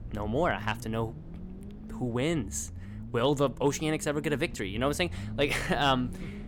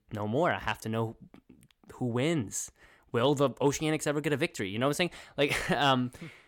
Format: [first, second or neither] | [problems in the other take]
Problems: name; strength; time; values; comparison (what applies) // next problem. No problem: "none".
second | low rumble; faint; throughout; 20 dB below the speech